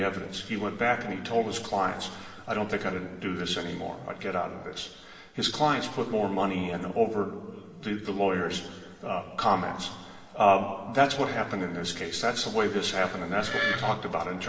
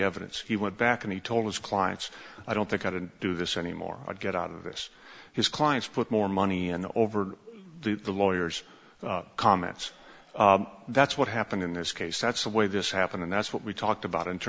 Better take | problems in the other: second | background sound (Wood); 2 dB below the speech // room echo; dies away in 2 s

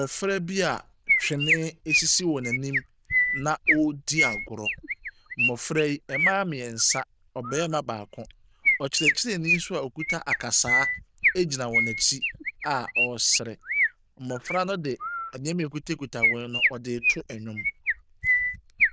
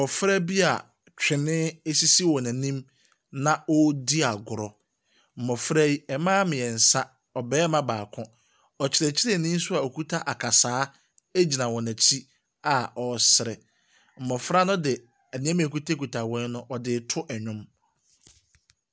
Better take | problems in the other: second | noise reduction (neural diffusion model UNIVERSE++)

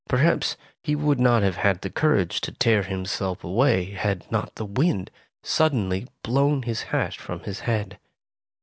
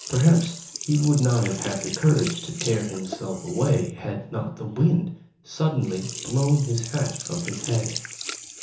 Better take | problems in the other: first | background sound (Sink (filling or washing)); 12 dB below the speech // room echo; dies away in 0.7 s

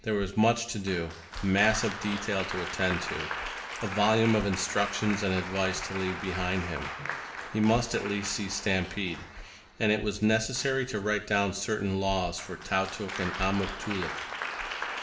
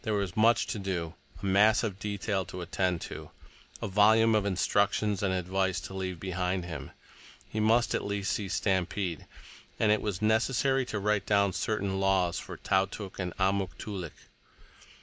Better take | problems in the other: second | background sound (Applause); 9 dB below the speech // room echo; dies away in 0.6 s

